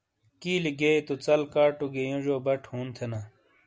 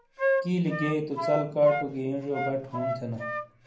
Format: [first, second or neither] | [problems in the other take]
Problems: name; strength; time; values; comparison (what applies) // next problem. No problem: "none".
first | background sound (Wind instrument, woodwind instrument); 3 dB below the speech // room echo; dies away in 0.5 s